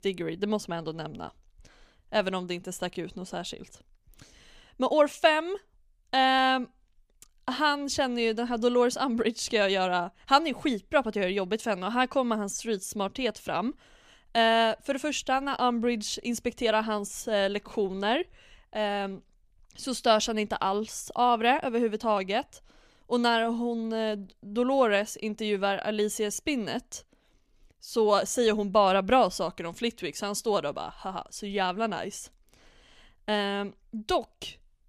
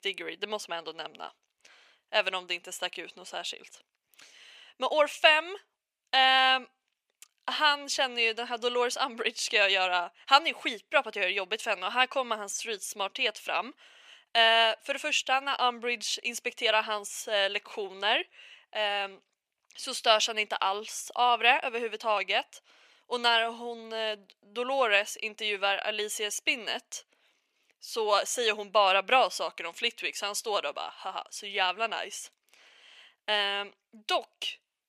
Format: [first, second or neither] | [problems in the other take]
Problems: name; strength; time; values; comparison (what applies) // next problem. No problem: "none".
first | thin; somewhat; fading below 600 Hz